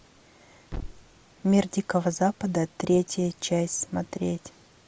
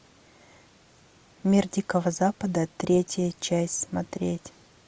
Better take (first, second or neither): second